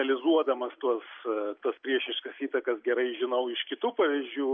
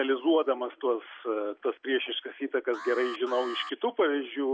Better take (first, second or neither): first